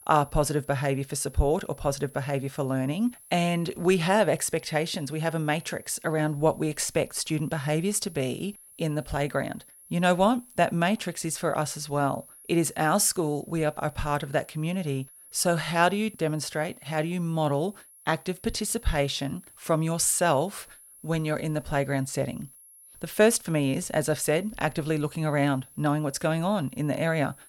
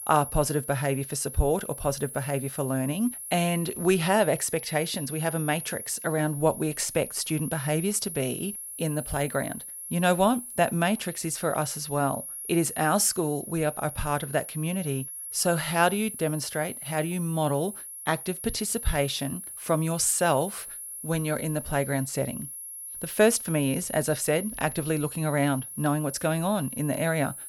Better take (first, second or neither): first